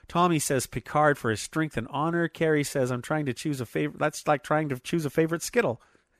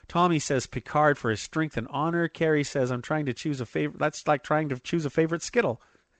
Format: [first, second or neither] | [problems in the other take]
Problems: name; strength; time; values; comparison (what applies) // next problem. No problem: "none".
first | garbled, watery; slightly; nothing above 8 kHz